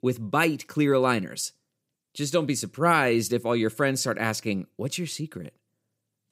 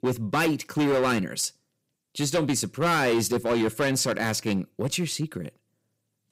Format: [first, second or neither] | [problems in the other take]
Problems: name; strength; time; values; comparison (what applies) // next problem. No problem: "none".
first | distortion; heavy; 11% of the sound clipped